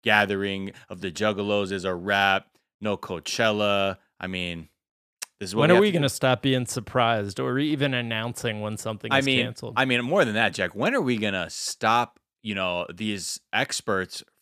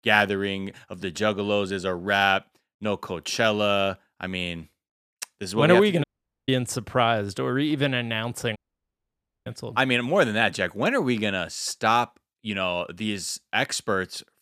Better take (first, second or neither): first